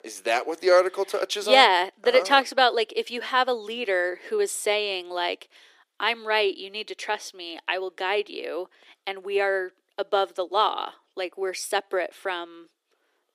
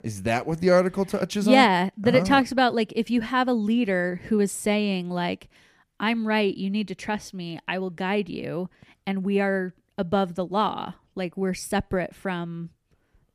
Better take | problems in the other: second | thin; very; fading below 350 Hz

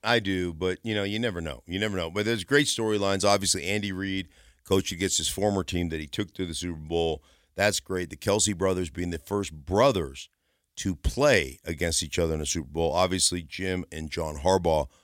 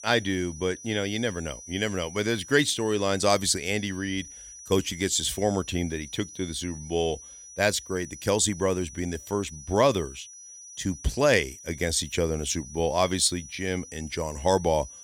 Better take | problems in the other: first | high-pitched whine; noticeable; throughout; 6 kHz, 15 dB below the speech

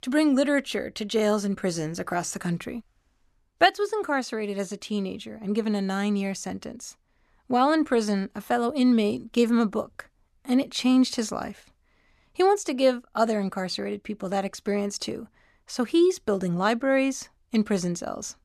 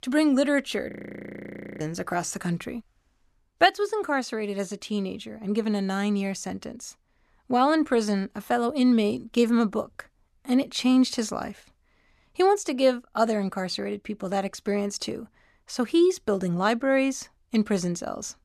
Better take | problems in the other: first | audio freezing; at 1 s for 1 s

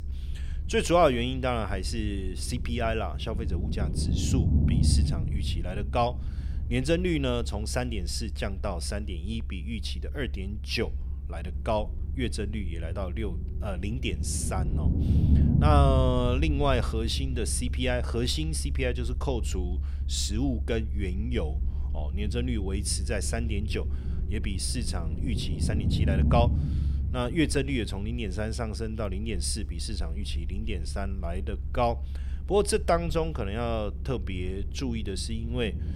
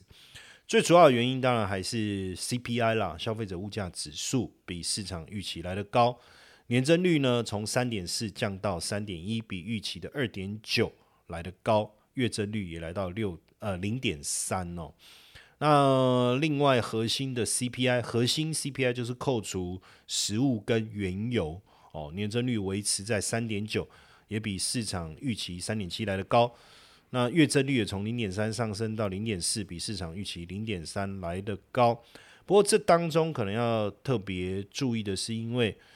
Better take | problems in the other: second | low rumble; noticeable; throughout; 15 dB below the speech

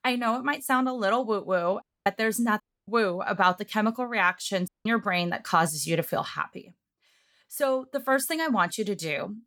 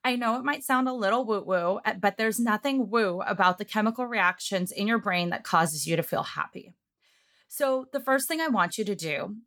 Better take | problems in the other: second | audio cutting out; at 2 s, at 2.5 s and at 4.5 s

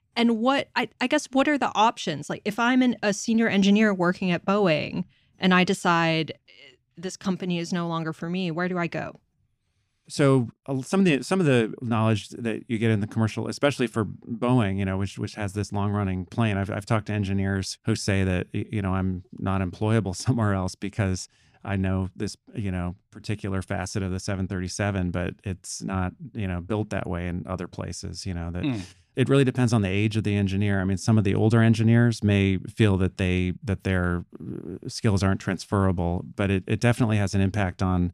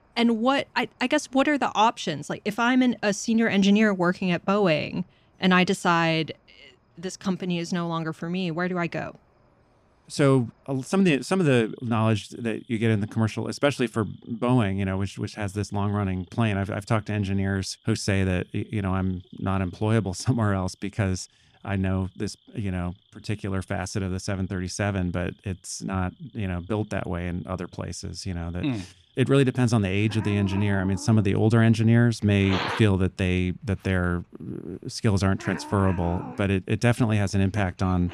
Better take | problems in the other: first | animal sounds; noticeable; throughout; 10 dB below the speech

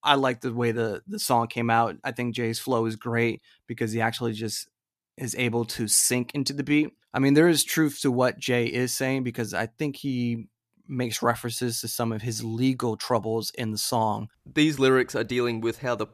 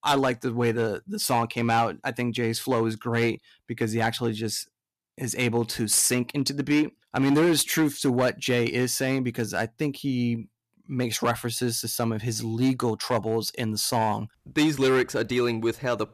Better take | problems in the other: first | distortion; slight; 5% of the sound clipped

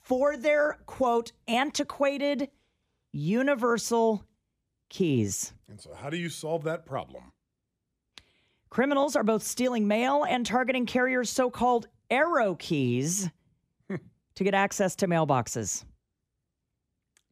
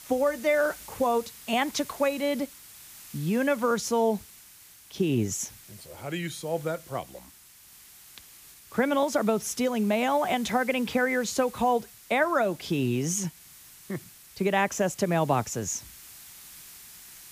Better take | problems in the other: first | hiss; noticeable; throughout; 20 dB below the speech

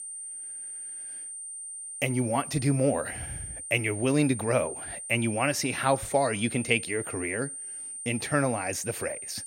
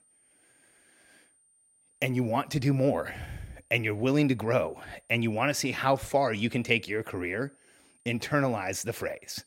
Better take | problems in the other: second | high-pitched whine; loud; throughout; 9 kHz, 8 dB below the speech; faint in the second

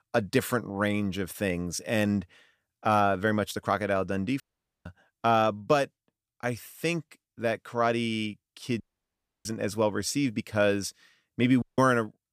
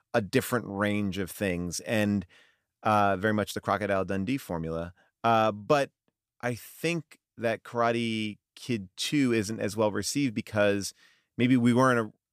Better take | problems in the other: second | audio cutting out; at 4.5 s, at 9 s for 0.5 s and at 12 s

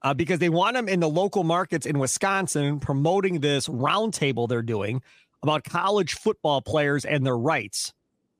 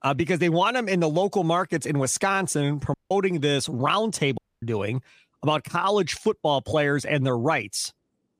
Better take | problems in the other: first | audio cutting out; at 3 s and at 4.5 s

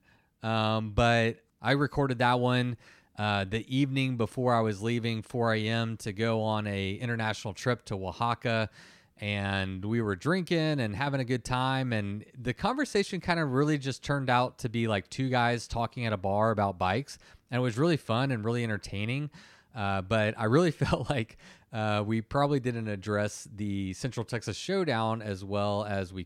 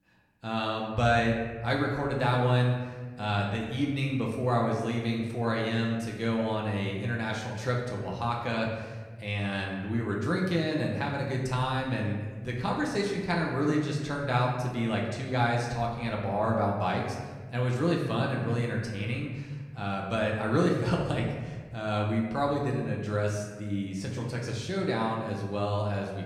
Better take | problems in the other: first | room echo; noticeable; dies away in 1.2 s // off-mic speech; somewhat distant

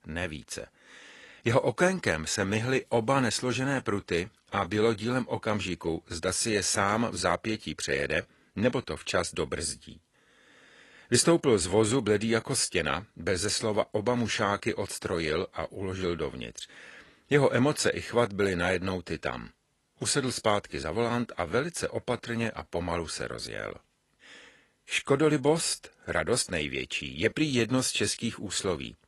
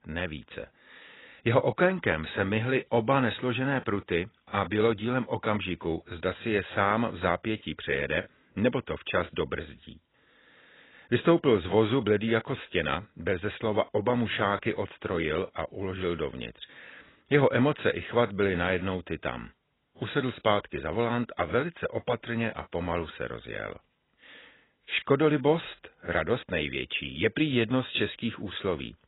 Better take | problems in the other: first | garbled, watery; badly; nothing above 4 kHz; slightly in the first

